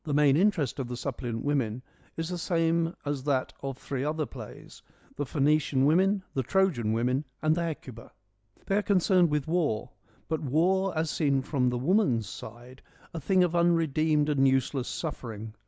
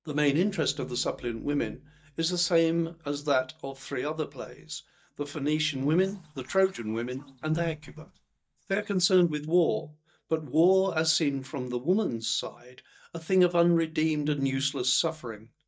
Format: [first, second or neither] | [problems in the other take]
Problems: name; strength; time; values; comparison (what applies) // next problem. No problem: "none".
first | noise reduction (neural mask model DeepFilterNet 3)